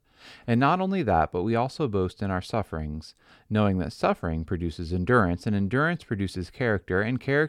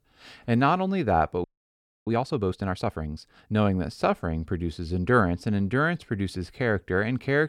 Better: first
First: none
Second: audio freezing; at 1.5 s for 0.5 s

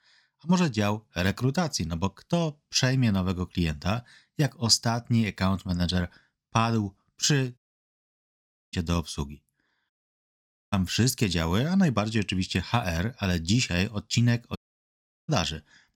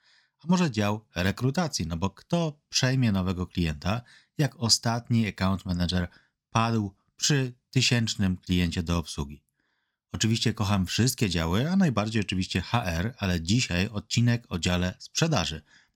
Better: second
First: audio cutting out; at 7.5 s for 1 s, at 10 s for 1 s and at 15 s for 0.5 s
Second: none

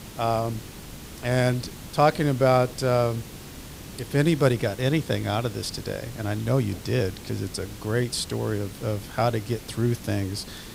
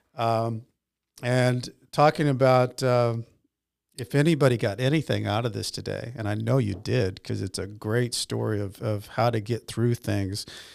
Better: second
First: hiss; noticeable; throughout; 15 dB below the speech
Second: none

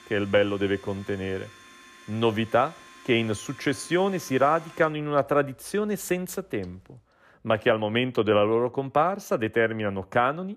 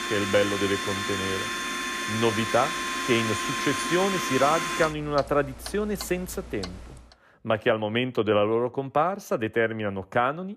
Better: first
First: household noises; faint; until 7 s; 25 dB below the speech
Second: household noises; loud; until 7 s; 3 dB below the speech

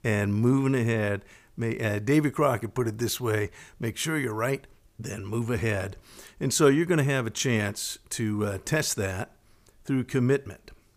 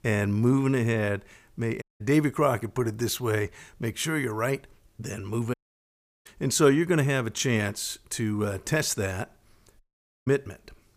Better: first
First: none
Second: audio cutting out; at 2 s, at 5.5 s for 0.5 s and at 10 s

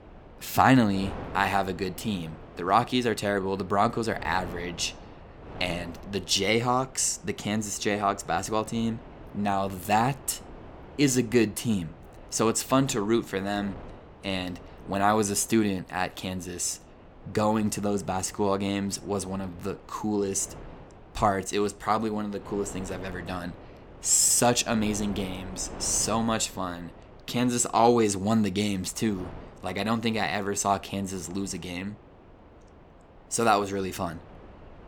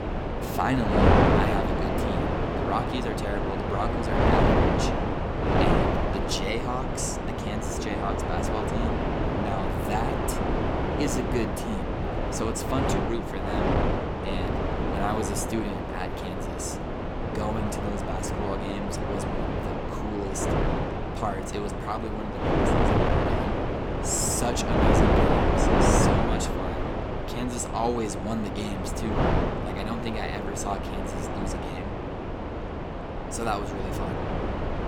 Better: first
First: wind noise on the microphone; occasional gusts; 20 dB below the speech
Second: wind noise on the microphone; heavy; 5 dB above the speech

